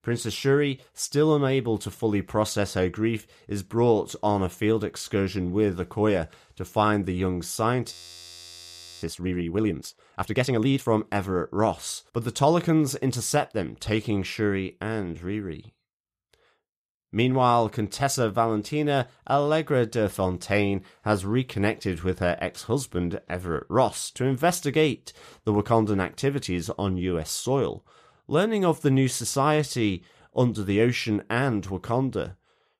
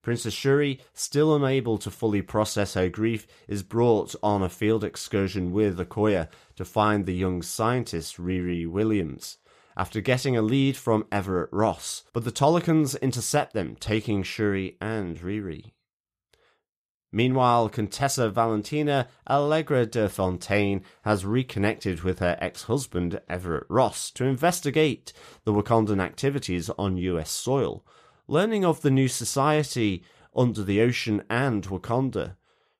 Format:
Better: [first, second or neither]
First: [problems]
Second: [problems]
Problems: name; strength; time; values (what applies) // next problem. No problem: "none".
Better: second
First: audio freezing; at 8 s for 1 s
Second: none